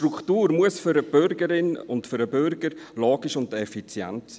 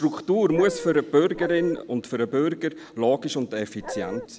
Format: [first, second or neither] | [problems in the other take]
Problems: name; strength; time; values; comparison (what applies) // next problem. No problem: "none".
first | background sound (Dog); 9 dB below the speech